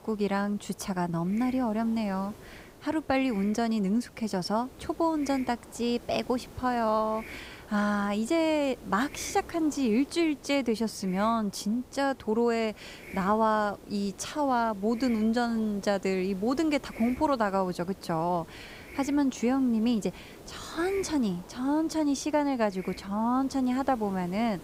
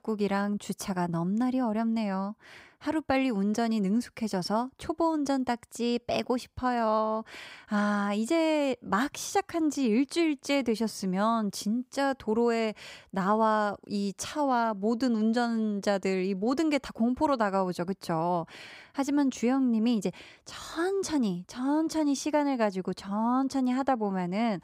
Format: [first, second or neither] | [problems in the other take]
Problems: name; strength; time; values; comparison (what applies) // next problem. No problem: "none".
second | hiss; noticeable; throughout; 20 dB below the speech